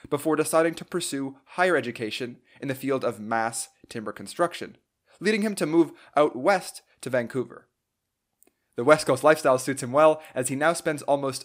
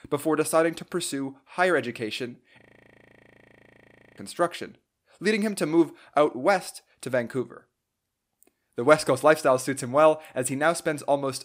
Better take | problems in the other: first | audio freezing; at 2.5 s for 1.5 s

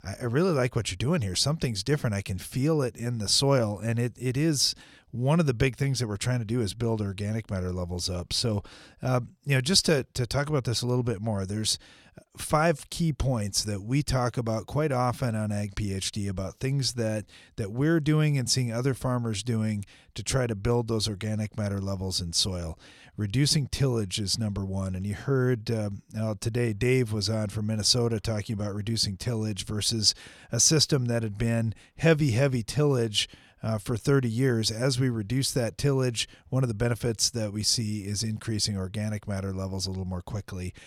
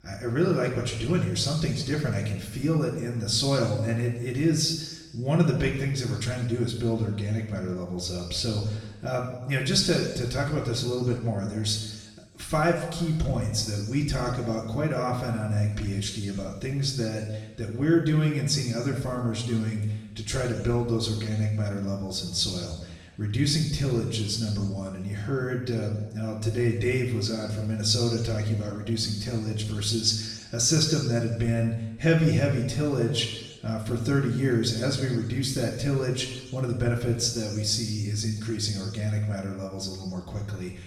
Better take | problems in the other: first | room echo; noticeable; dies away in 1 s // off-mic speech; far

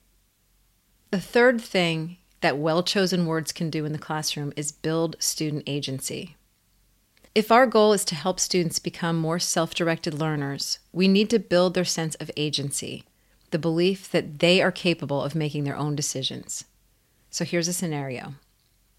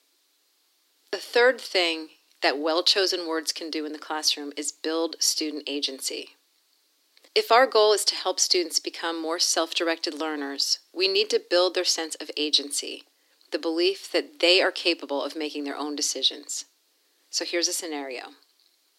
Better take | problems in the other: first | thin; somewhat; fading below 300 Hz

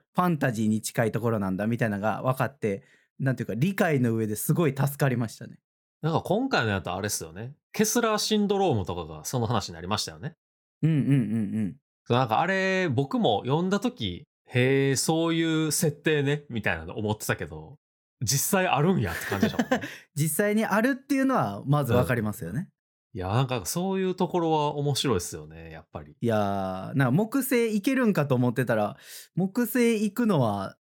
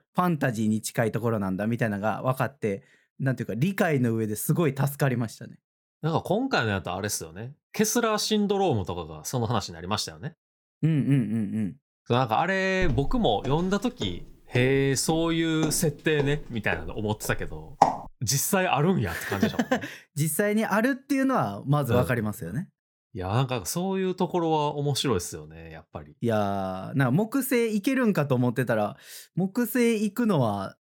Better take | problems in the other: first | footsteps; loud; from 13 to 18 s; peak 2 dB above the speech

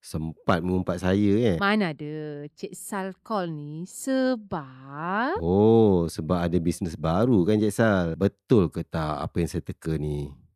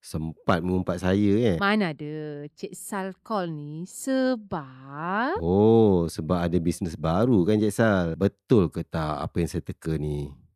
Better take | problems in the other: neither | none

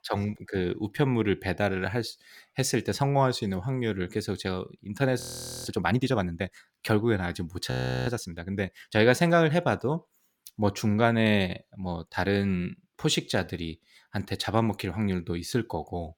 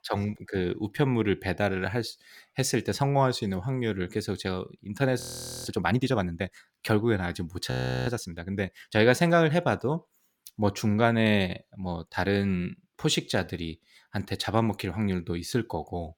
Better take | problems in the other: neither | audio freezing; at 5 s and at 7.5 s; the same in both

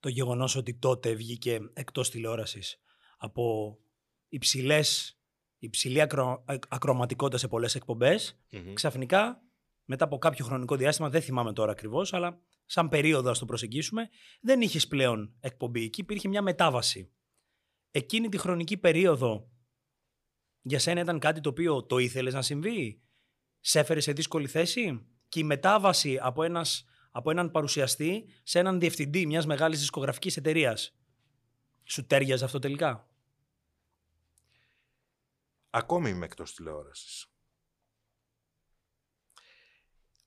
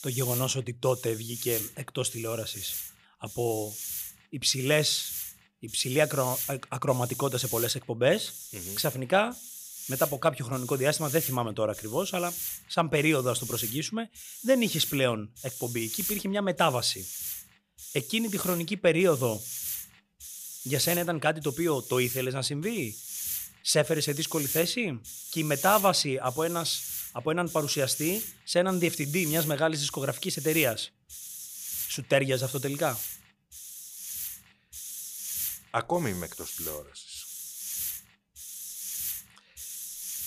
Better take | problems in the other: first | hiss; loud; throughout; 7 dB below the speech

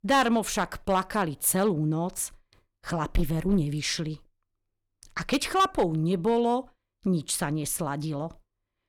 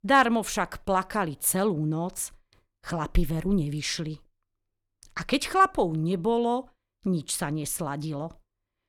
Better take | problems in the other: second | distortion; slight; 2% of the sound clipped

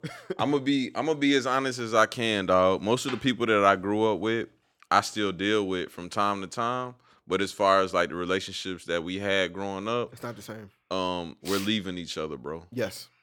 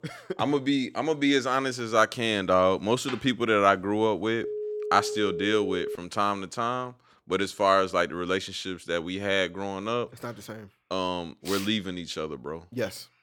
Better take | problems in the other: first | phone ringing; noticeable; from 4.5 to 6 s; peak 6 dB below the speech

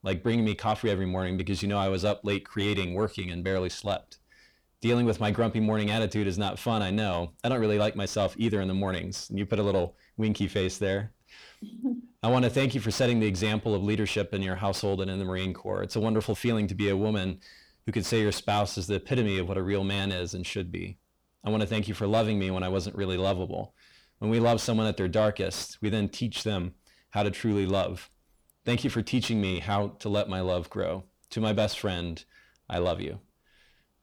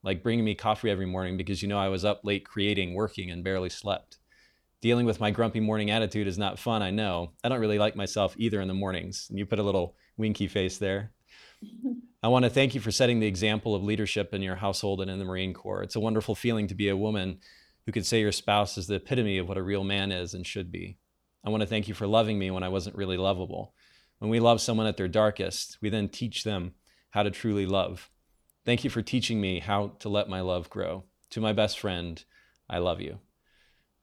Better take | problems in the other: second | distortion; slight; 10 dB below the speech

